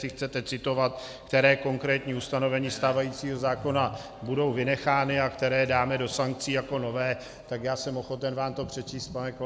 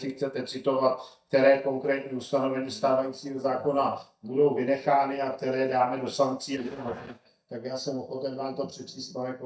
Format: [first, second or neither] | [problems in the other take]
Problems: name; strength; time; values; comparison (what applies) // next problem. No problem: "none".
first | noise reduction (neural mask model DeepFilterNet 3)